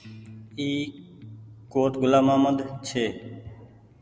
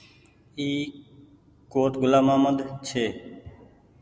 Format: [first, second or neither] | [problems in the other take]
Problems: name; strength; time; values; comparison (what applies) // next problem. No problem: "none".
second | background sound (Electric guitar); 19 dB below the speech